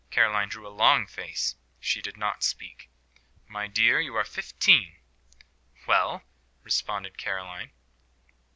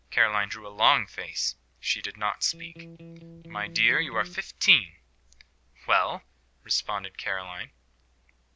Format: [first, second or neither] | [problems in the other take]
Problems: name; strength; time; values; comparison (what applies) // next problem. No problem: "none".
first | background sound (Electric guitar); 15 dB below the speech